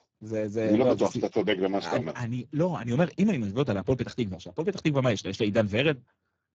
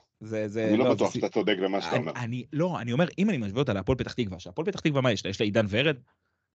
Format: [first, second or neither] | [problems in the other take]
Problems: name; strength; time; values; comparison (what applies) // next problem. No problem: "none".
second | garbled, watery; badly